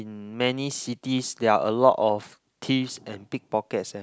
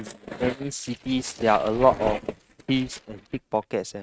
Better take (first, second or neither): first